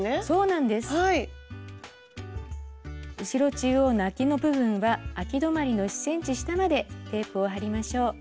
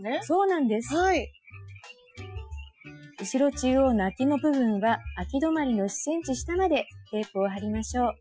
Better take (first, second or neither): first